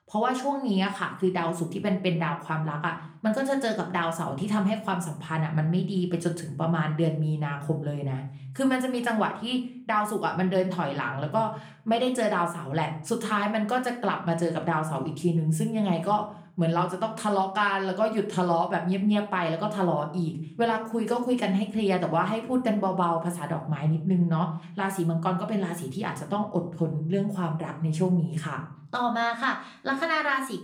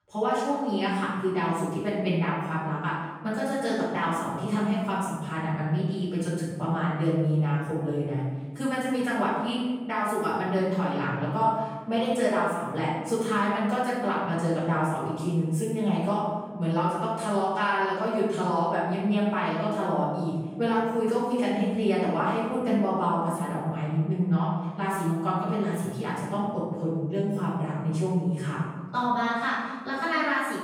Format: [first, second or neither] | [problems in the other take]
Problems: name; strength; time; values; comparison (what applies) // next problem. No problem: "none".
first | room echo; strong; dies away in 1.2 s; slight in the first // off-mic speech; far; somewhat distant in the first